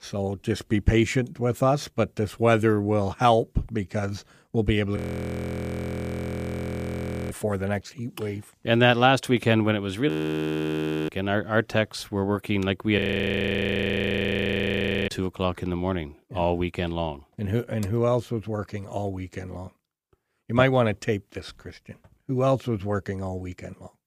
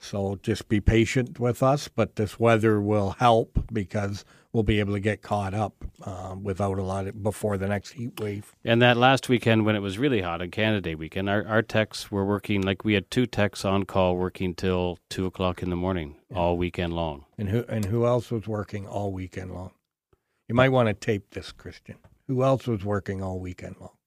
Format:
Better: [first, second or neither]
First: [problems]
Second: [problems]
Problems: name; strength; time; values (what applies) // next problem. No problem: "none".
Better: second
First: audio freezing; at 5 s for 2.5 s, at 10 s for 1 s and at 13 s for 2 s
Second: none